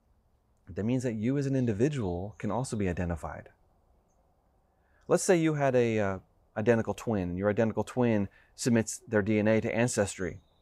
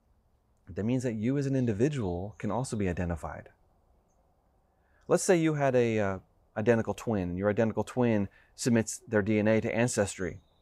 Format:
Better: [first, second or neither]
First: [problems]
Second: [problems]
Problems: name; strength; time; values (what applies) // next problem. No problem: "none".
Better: neither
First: none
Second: none